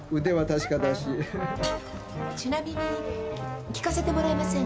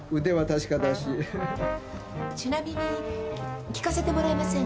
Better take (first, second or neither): second